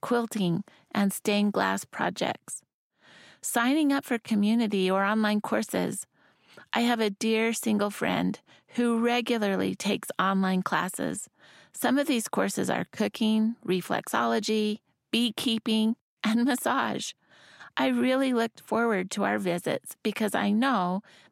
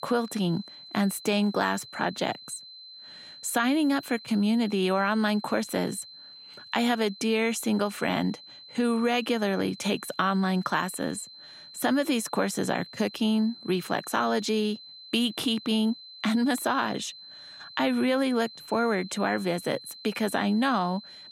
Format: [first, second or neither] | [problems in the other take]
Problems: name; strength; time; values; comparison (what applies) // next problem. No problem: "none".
first | high-pitched whine; noticeable; throughout; 4 kHz, 15 dB below the speech